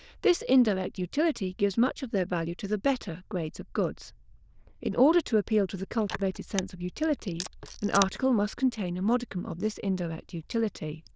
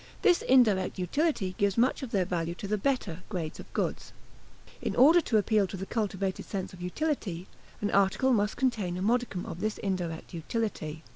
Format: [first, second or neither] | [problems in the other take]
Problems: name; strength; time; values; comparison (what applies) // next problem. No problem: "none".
second | noise reduction (neural diffusion model UNIVERSE++)